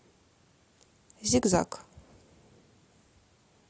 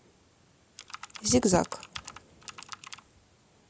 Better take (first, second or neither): first